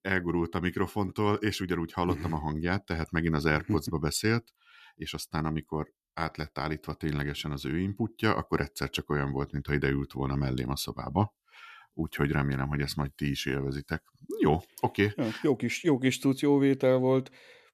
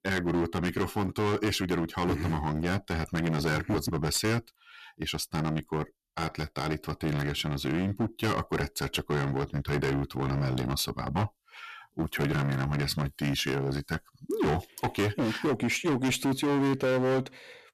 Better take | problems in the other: first | distortion; heavy; 15% of the sound clipped

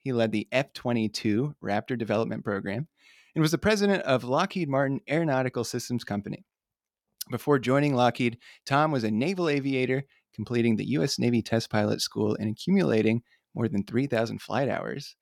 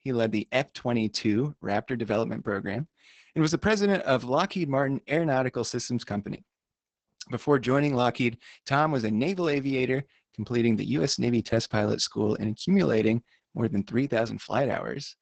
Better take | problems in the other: first | garbled, watery; badly; nothing above 7.5 kHz

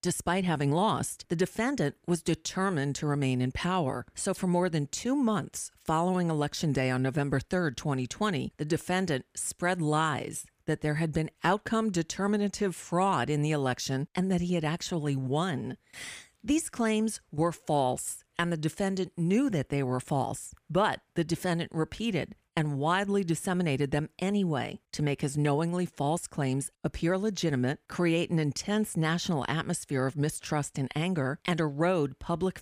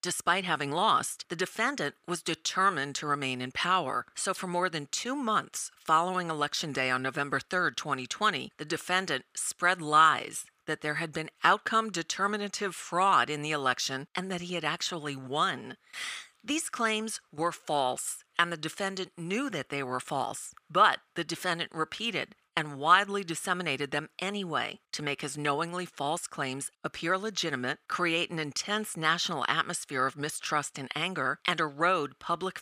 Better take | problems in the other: first | thin; somewhat; fading below 1 kHz

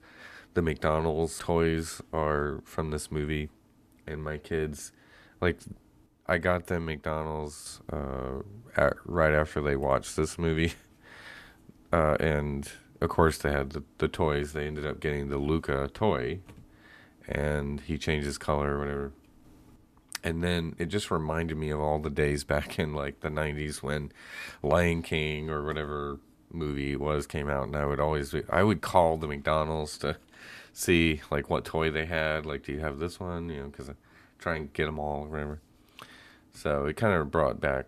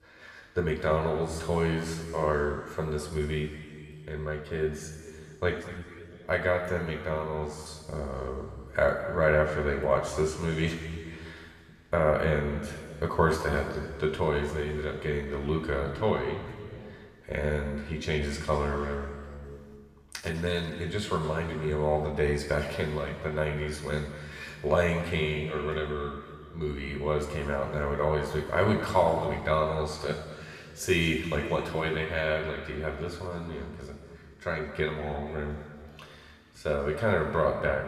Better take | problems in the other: first | room echo; noticeable; dies away in 2.2 s // off-mic speech; somewhat distant

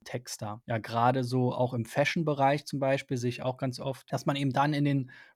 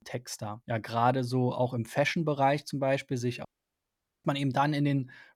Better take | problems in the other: first | audio cutting out; at 3.5 s for 1 s

